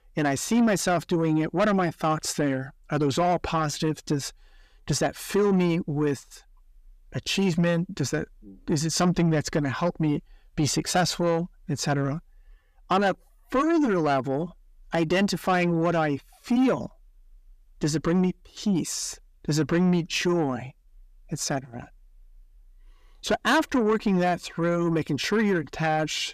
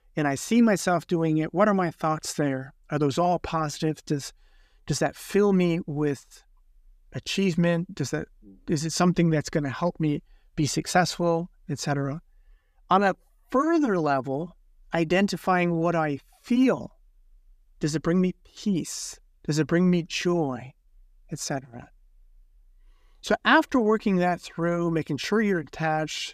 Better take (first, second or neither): second